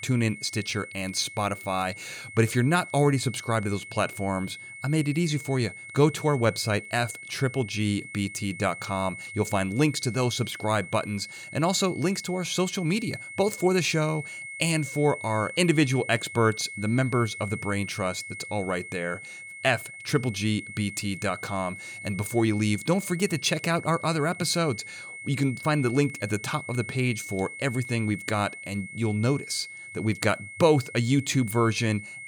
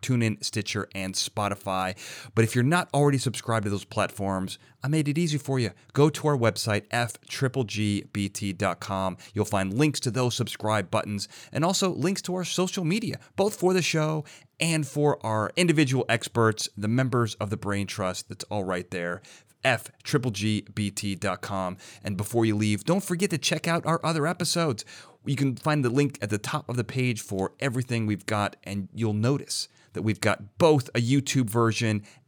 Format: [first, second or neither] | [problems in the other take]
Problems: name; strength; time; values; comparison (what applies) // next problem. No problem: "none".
second | high-pitched whine; noticeable; throughout; 2 kHz, 10 dB below the speech